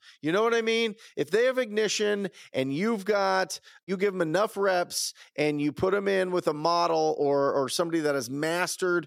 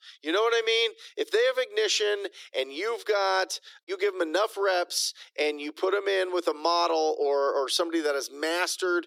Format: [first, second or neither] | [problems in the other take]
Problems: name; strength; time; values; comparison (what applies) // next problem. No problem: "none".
first | thin; very; fading below 300 Hz